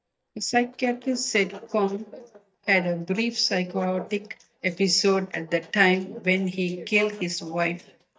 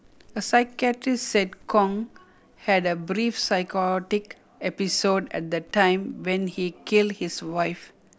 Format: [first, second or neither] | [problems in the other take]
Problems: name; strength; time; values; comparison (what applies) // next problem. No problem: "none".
second | noise reduction (neural mask model DeepFilterNet 3)